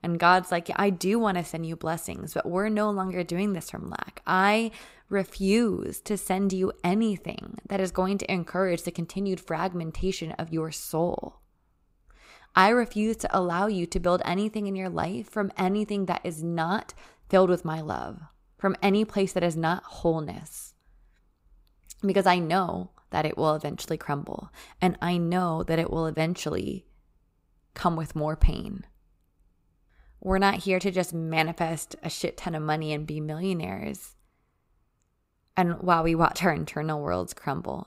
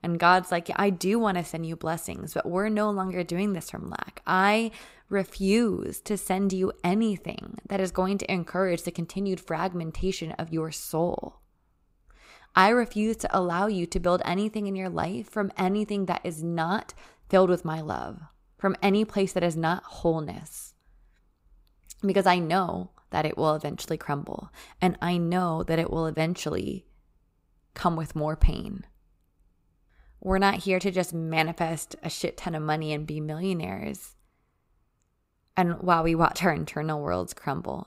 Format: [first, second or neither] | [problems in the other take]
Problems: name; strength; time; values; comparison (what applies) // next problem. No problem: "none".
neither | none